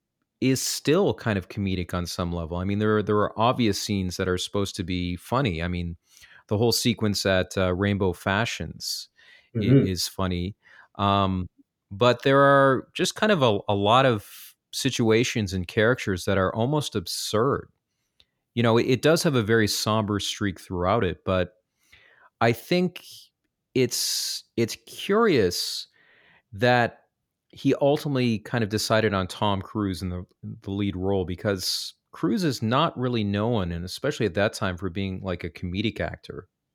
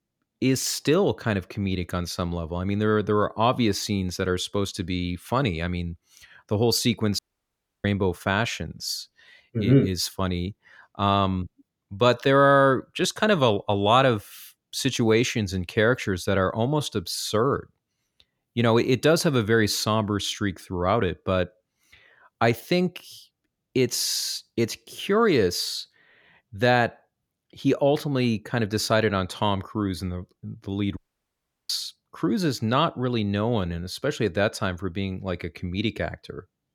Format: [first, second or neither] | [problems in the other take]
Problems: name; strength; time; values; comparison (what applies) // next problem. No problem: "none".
first | audio cutting out; at 7 s for 0.5 s and at 31 s for 0.5 s